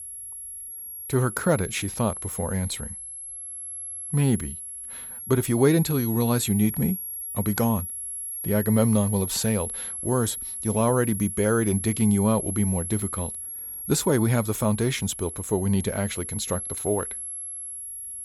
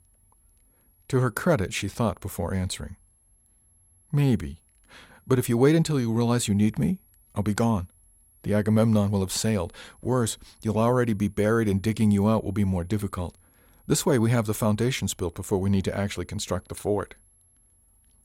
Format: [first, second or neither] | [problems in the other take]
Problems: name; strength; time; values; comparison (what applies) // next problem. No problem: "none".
second | high-pitched whine; loud; throughout; 11 kHz, 7 dB below the speech; faint in the second